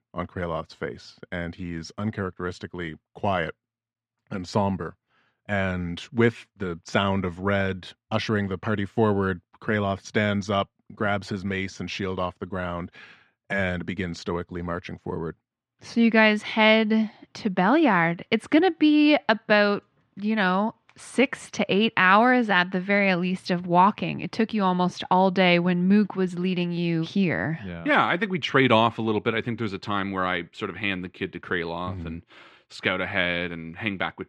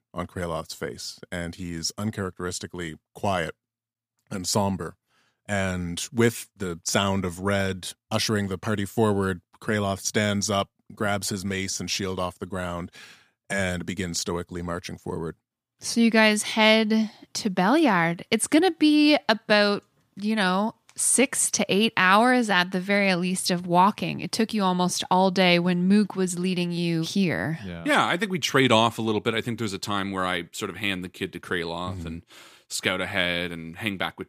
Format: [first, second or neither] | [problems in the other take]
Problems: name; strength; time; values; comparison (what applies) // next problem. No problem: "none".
second | muffled; slightly; fading above 2.5 kHz